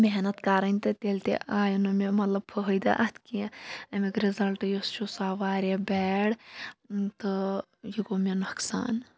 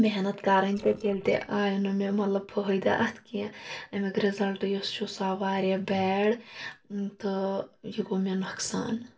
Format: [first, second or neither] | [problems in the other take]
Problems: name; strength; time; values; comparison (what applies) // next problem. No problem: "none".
first | noise reduction (neural separator model SepFormer DNS4)